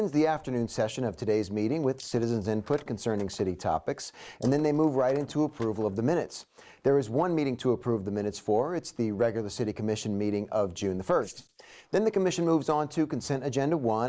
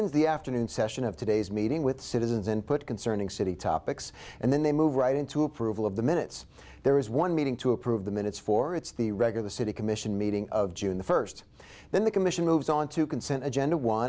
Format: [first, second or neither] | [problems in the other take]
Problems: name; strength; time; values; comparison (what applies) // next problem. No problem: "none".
second | noise reduction (neural mask model Resemble Enhance denoiser)